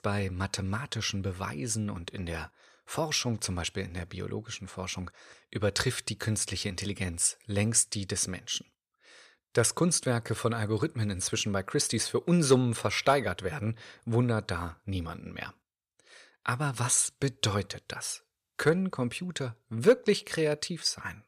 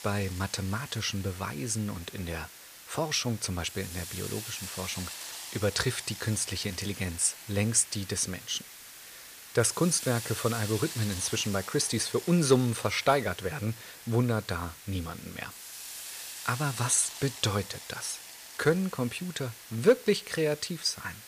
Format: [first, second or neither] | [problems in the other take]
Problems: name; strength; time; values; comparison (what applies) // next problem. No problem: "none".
first | hiss; noticeable; throughout; 10 dB below the speech